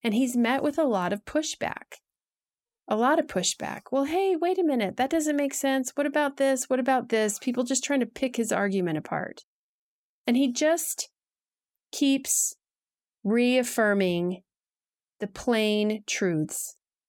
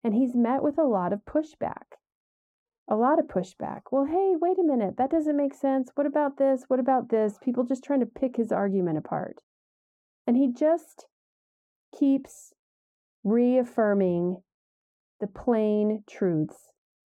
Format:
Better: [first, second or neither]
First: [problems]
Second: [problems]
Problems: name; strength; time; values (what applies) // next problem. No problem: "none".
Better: first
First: none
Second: muffled; very; fading above 1.5 kHz